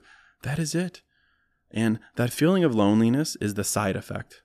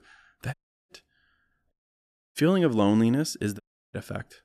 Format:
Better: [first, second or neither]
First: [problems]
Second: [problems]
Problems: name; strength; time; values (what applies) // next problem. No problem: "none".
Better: first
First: none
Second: audio cutting out; at 0.5 s, at 1.5 s for 0.5 s and at 3.5 s